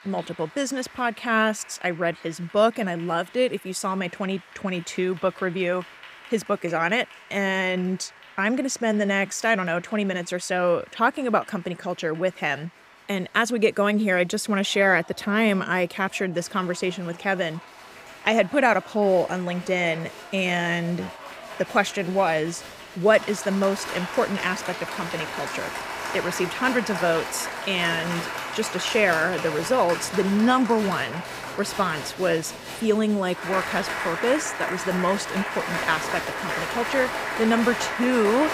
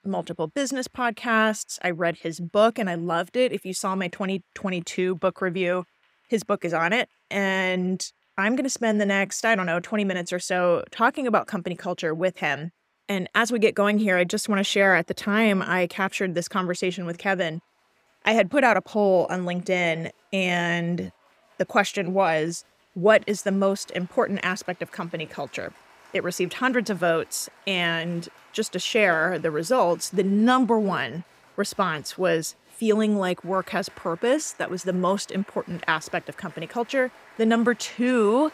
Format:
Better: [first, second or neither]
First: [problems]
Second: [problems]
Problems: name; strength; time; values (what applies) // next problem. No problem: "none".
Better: second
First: crowd noise; loud; throughout; 7 dB below the speech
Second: crowd noise; faint; throughout; 30 dB below the speech